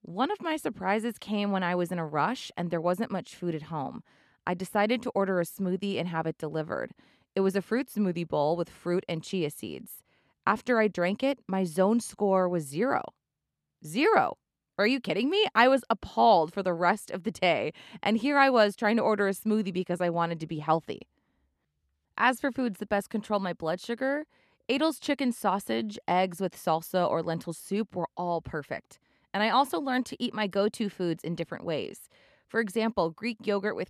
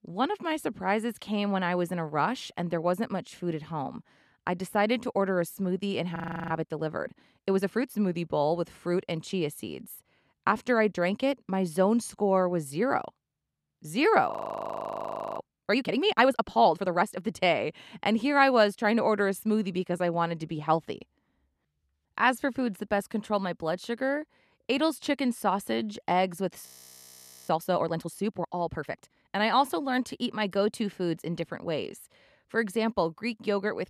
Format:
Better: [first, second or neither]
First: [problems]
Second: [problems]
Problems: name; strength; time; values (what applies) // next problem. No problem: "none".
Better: first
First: none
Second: audio freezing; at 6 s, at 14 s for 1 s and at 27 s for 1 s